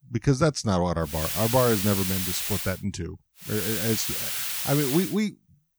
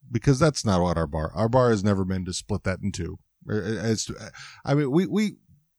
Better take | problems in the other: second | hiss; loud; from 1 to 2.5 s and from 3.5 to 5 s; 1 dB below the speech

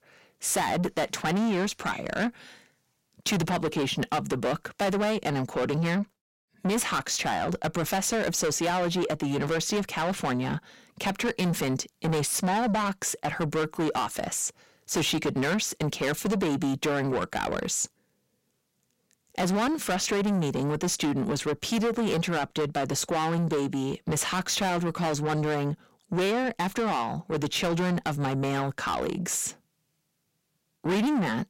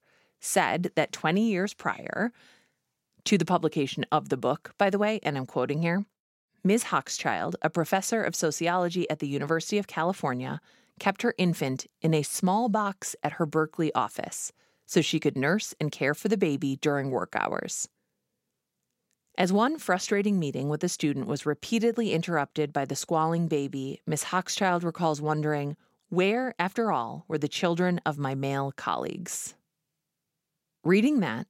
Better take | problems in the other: second | distortion; heavy; 5 dB below the speech

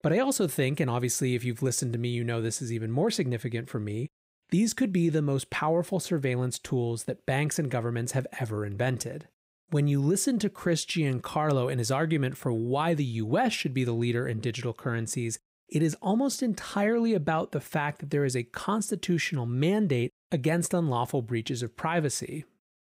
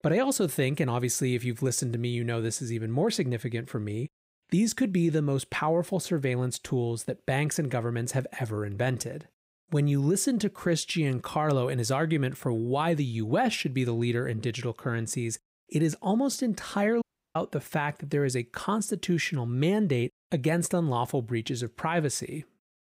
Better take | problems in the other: first | audio cutting out; at 17 s

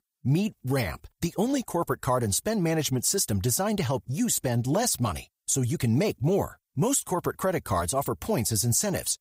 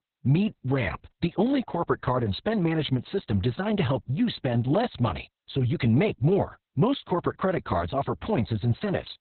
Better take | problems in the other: first | garbled, watery; badly; nothing above 4 kHz

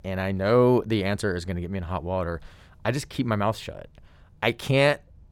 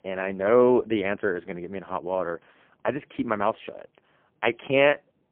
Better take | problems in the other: first | phone-call audio; poor line; nothing above 3 kHz

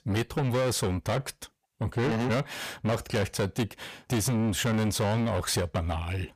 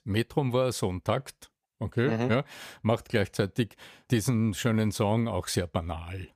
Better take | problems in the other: second | distortion; heavy; 6 dB below the speech

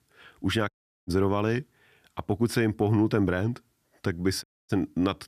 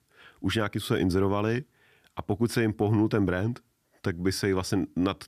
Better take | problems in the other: second | audio cutting out; at 0.5 s and at 4.5 s

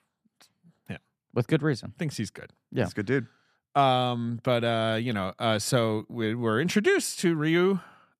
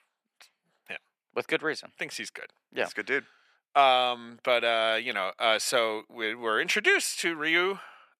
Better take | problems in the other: first | thin; very; fading below 600 Hz

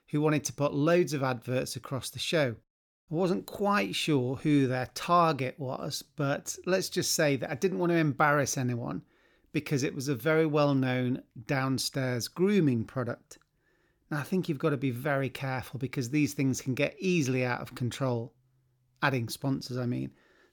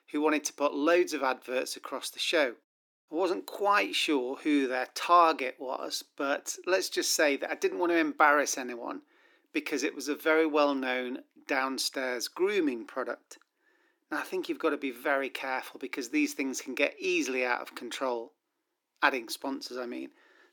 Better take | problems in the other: first | thin; somewhat; fading below 300 Hz

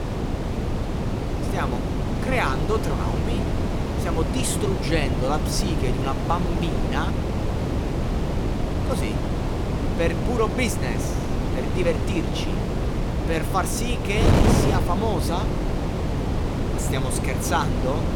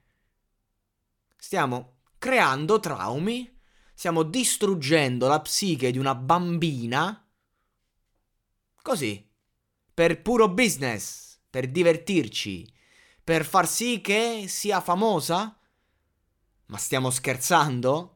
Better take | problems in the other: second | wind noise on the microphone; heavy; 2 dB below the speech

